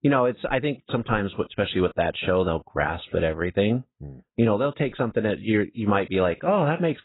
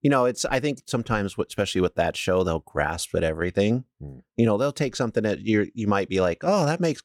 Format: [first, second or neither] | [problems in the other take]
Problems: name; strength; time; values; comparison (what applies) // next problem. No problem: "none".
second | garbled, watery; badly; nothing above 4 kHz